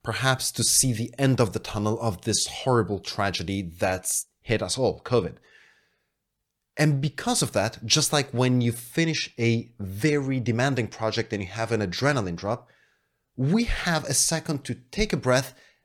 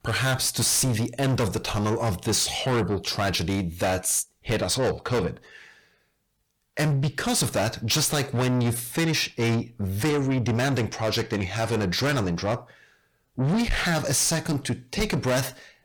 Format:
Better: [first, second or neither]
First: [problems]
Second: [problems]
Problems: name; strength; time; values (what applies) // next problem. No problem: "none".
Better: first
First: none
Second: distortion; heavy; 6 dB below the speech